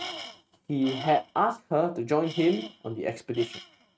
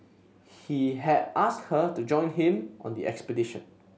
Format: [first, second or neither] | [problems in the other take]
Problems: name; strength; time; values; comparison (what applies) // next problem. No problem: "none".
second | noise reduction (neural mask model RNNoise)